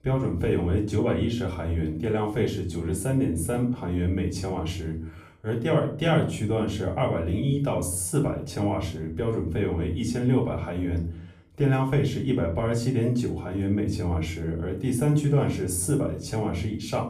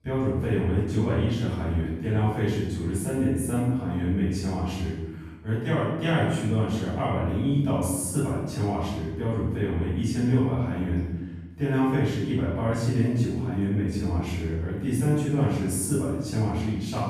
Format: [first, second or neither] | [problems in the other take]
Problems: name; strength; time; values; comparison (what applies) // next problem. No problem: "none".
first | room echo; strong; dies away in 1.1 s; slight in the first // off-mic speech; far; far in the first